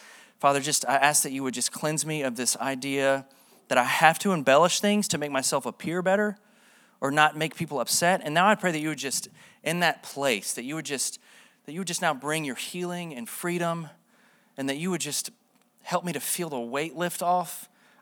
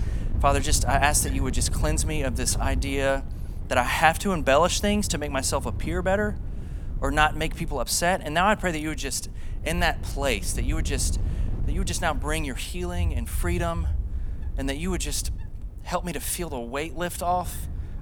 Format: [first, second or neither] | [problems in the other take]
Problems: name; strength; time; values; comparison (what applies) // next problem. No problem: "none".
first | wind noise on the microphone; occasional gusts; 20 dB below the speech